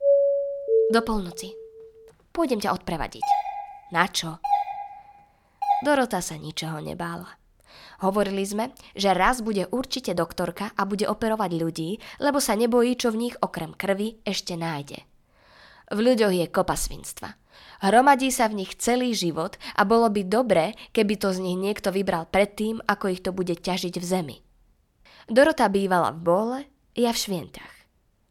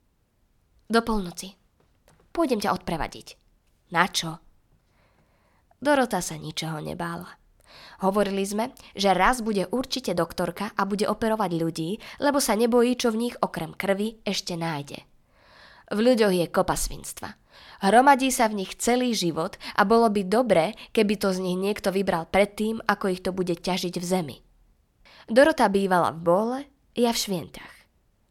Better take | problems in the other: second | doorbell; loud; until 1 s; peak 5 dB above the speech // doorbell; noticeable; from 3 to 6 s; peak level with the speech

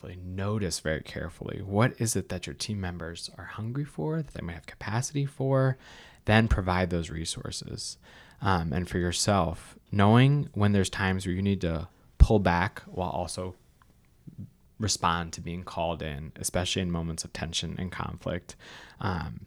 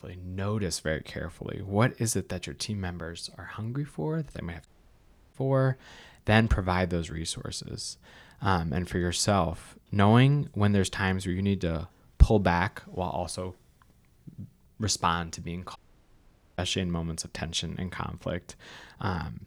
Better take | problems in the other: first | audio cutting out; at 4.5 s for 0.5 s and at 16 s for 1 s

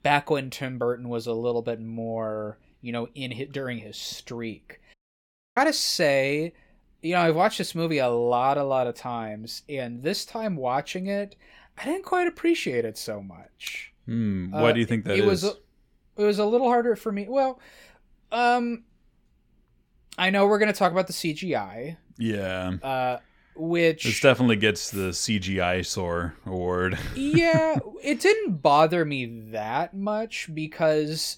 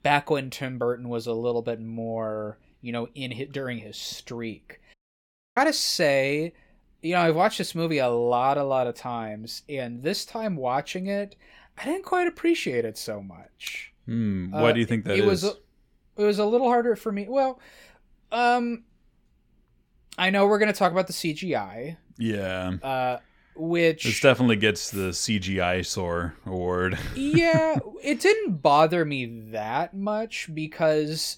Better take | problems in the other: neither | audio cutting out; at 5 s for 0.5 s; the same in both

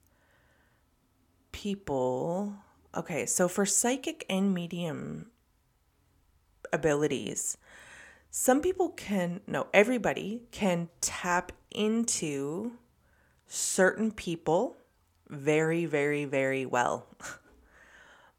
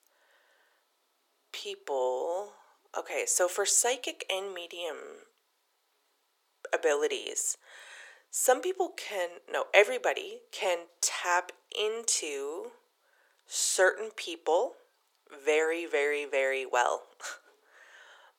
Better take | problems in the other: first | thin; very; fading below 400 Hz

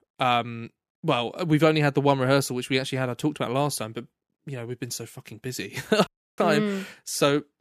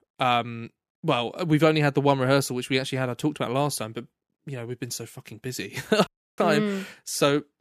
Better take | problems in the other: neither | audio cutting out; at 6 s; the same in both

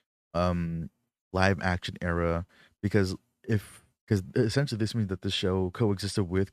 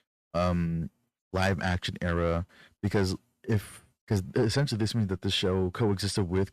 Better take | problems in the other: first | distortion; slight; 10 dB below the speech

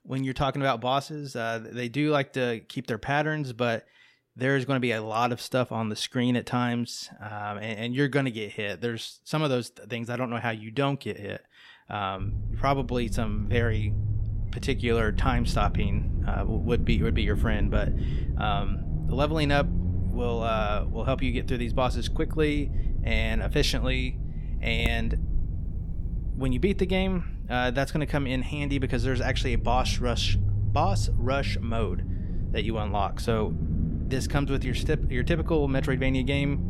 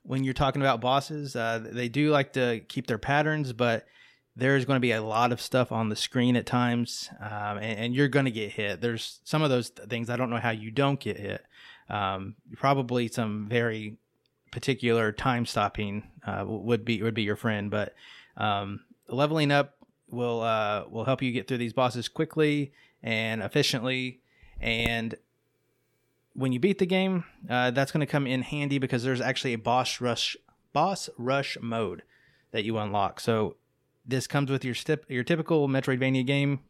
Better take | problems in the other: second | low rumble; noticeable; from 12 s on; 15 dB below the speech

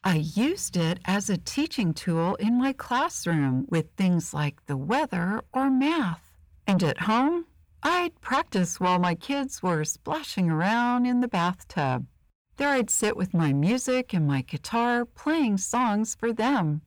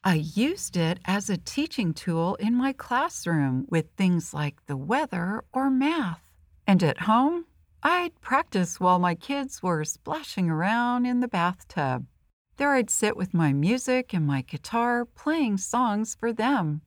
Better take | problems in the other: second | distortion; slight; 10 dB below the speech

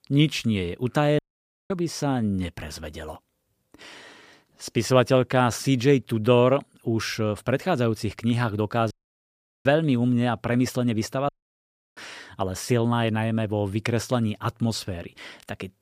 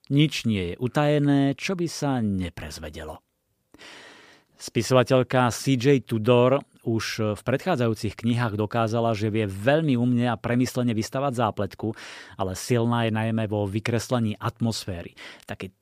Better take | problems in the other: second | audio cutting out; at 1 s for 0.5 s, at 9 s for 0.5 s and at 11 s for 0.5 s

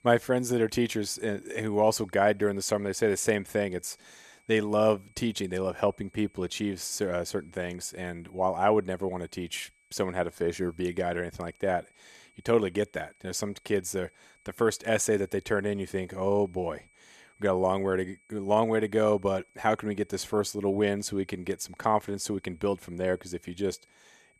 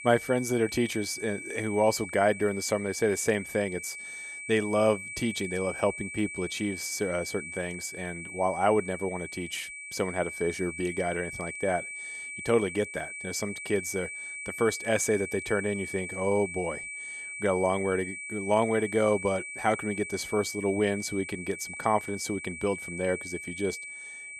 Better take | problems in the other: first | high-pitched whine; loud; throughout; 2.5 kHz, 8 dB below the speech; faint in the first

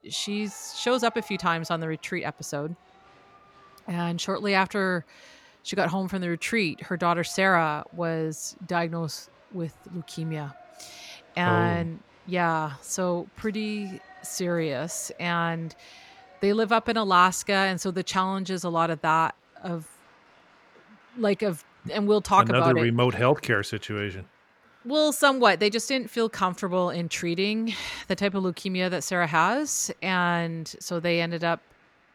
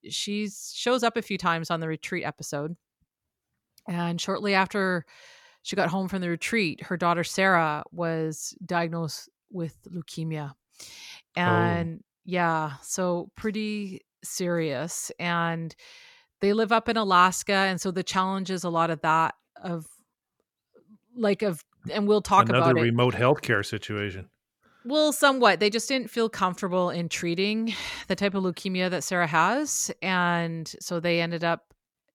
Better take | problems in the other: second | crowd noise; faint; throughout; 30 dB below the speech

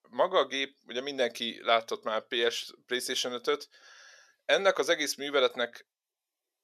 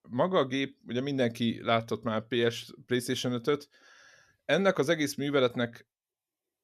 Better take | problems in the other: second | thin; somewhat; fading below 550 Hz

